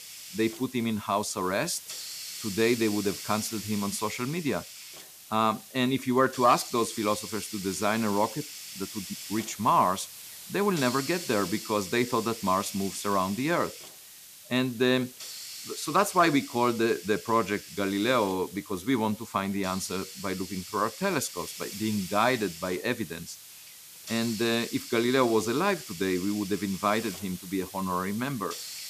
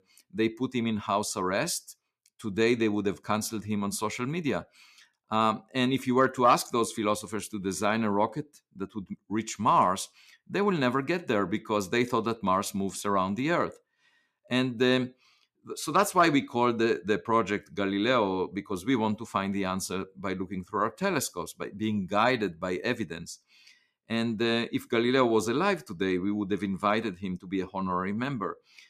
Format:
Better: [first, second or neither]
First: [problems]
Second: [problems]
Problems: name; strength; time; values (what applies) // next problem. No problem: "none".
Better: second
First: hiss; noticeable; throughout; 10 dB below the speech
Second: none